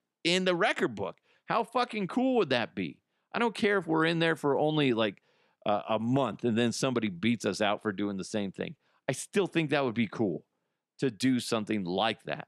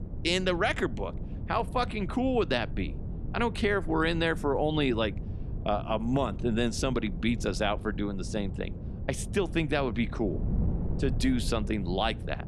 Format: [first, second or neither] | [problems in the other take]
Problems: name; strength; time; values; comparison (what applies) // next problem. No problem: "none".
first | wind noise on the microphone; occasional gusts; 15 dB below the speech